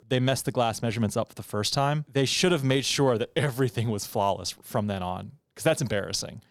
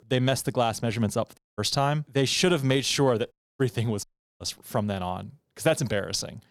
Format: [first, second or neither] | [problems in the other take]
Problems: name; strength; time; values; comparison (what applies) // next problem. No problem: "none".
first | audio cutting out; at 1.5 s, at 3.5 s and at 4 s